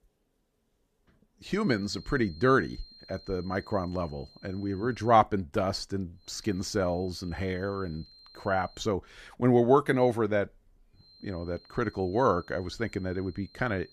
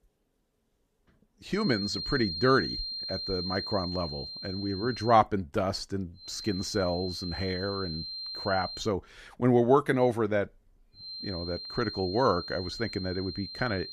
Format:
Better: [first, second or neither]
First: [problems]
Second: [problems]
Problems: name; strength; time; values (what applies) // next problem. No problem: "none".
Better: first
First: high-pitched whine; faint; from 1.5 to 5 s, from 6 to 9 s and from 11 s on; 4 kHz, 25 dB below the speech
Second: high-pitched whine; loud; from 1.5 to 5 s, from 6 to 9 s and from 11 s on; 4 kHz, 7 dB below the speech